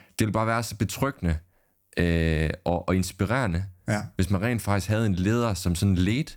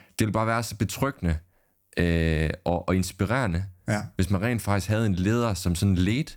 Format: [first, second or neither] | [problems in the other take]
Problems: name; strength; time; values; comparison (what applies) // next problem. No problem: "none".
neither | none